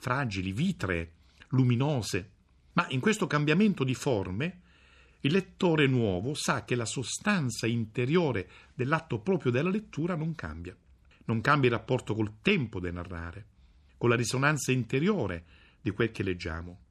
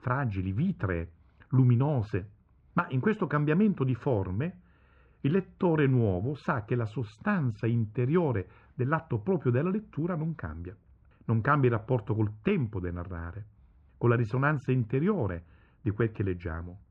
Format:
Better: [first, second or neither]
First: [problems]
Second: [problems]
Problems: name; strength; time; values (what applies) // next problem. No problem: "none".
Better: first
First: none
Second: muffled; very; fading above 1.5 kHz